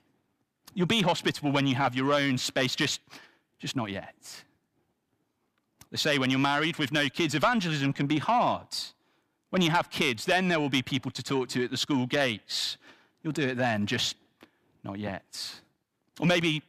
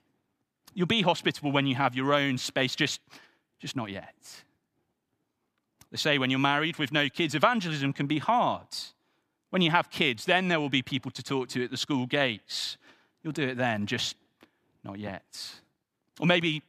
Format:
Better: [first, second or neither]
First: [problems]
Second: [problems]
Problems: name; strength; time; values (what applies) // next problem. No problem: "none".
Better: second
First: distortion; slight; 10 dB below the speech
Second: none